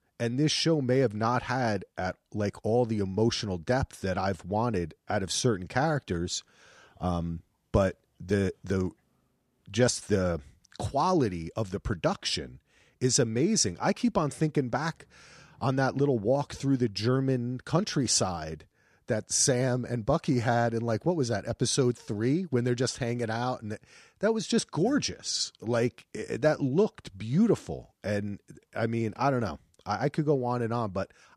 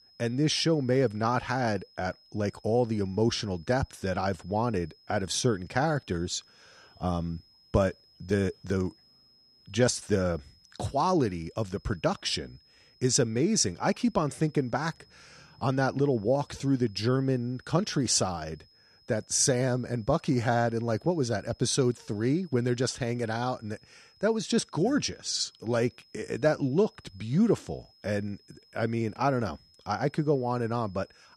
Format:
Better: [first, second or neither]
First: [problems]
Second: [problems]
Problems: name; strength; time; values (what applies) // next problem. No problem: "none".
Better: first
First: none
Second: high-pitched whine; faint; throughout; 5 kHz, 30 dB below the speech